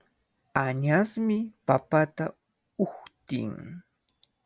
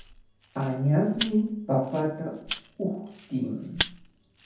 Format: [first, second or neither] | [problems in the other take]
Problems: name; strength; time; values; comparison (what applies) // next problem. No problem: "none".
first | background sound (Rattle (instrument)); 10 dB below the speech // room echo; dies away in 0.7 s